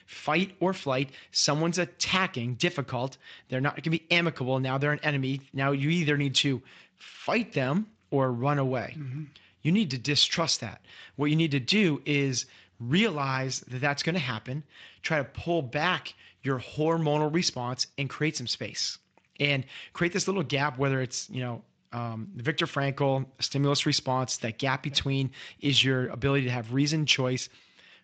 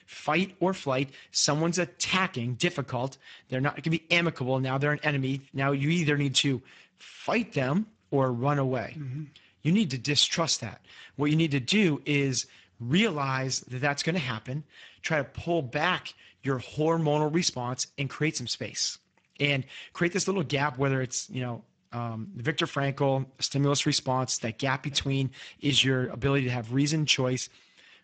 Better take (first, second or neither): first